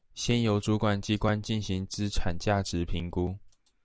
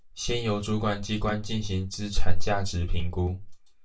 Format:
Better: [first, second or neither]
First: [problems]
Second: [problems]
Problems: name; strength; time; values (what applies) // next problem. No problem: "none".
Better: first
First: none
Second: room echo; dies away in 0.2 s